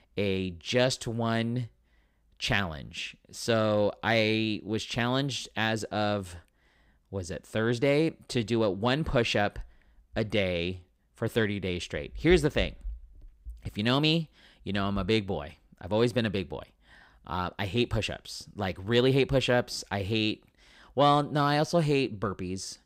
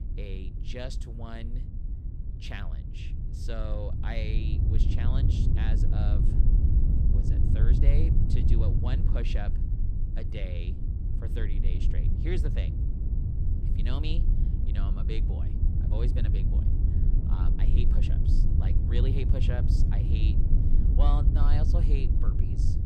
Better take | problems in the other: first | low rumble; loud; throughout; 1 dB below the speech

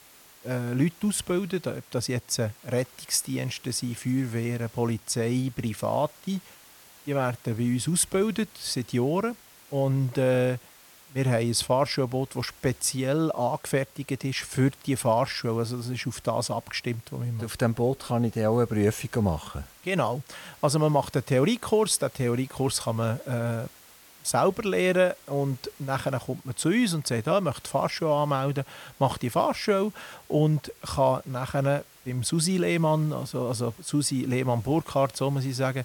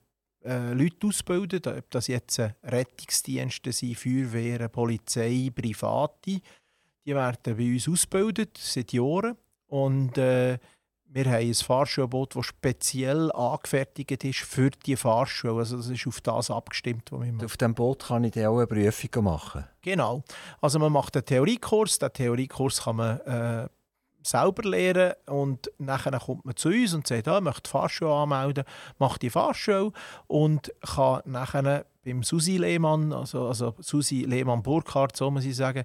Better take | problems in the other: second | hiss; faint; throughout; 25 dB below the speech

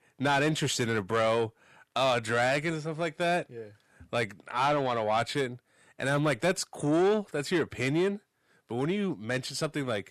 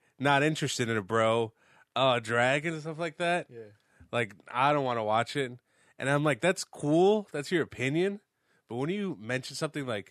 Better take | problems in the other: second | distortion; slight; 10 dB below the speech

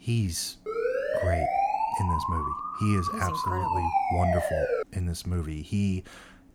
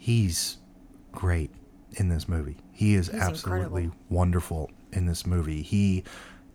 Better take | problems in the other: second | siren; loud; from 0.5 to 5 s; peak 5 dB above the speech

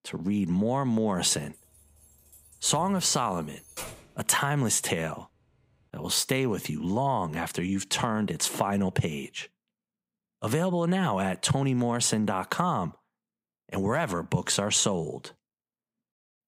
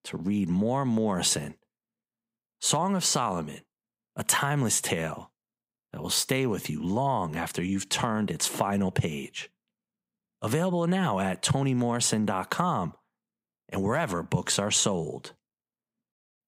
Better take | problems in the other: second | jangling keys; faint; from 1.5 to 4 s; peak 10 dB below the speech

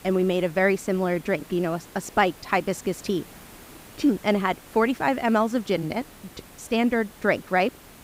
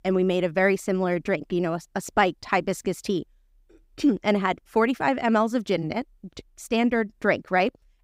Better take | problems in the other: second | hiss; faint; throughout; 20 dB below the speech

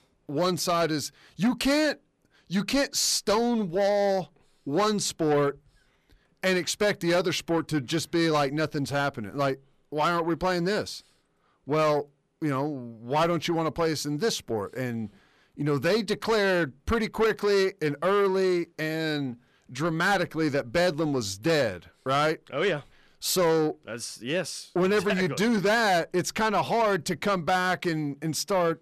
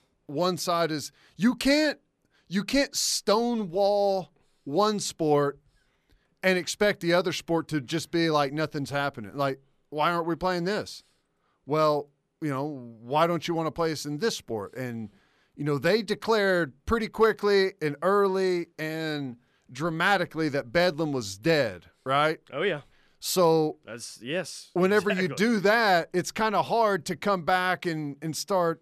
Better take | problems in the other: second | distortion; slight; 10 dB below the speech

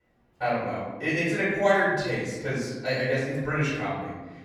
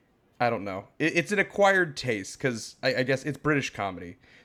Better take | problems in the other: second | off-mic speech; far // room echo; noticeable; dies away in 1.2 s

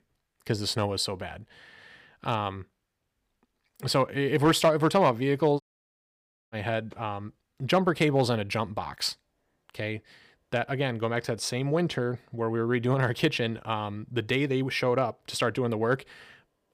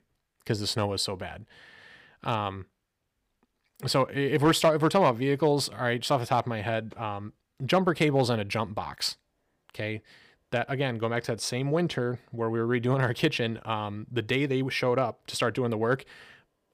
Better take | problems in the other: second | audio cutting out; at 5.5 s for 1 s

